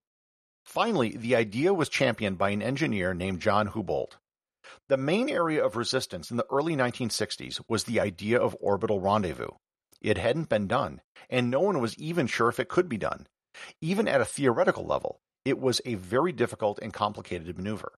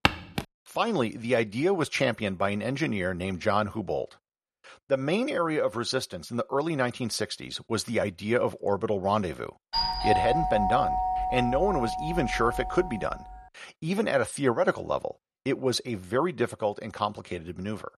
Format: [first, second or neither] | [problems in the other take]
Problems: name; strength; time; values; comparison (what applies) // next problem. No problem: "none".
first | footsteps; very faint; at the start; peak 2 dB above the speech // doorbell; loud; from 9.5 to 13 s; peak 3 dB above the speech